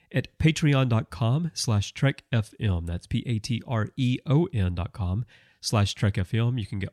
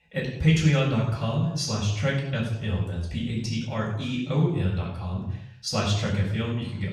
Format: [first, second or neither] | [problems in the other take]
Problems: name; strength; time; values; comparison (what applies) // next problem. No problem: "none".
first | room echo; noticeable; dies away in 0.7 s // off-mic speech; far